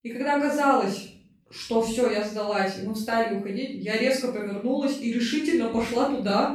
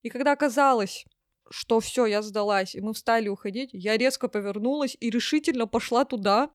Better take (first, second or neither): second